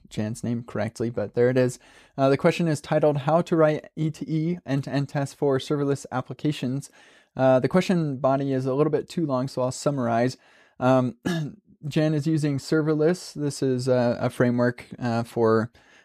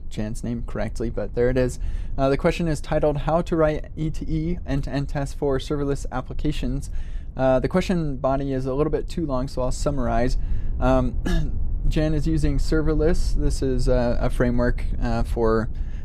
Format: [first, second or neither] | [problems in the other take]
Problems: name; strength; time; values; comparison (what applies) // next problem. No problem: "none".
first | low rumble; faint; throughout; 25 dB below the speech